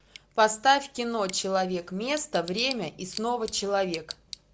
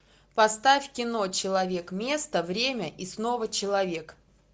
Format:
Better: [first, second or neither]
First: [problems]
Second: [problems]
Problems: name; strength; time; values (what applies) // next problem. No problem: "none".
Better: second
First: background sound (Tick / Bicycle); 18 dB below the speech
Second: none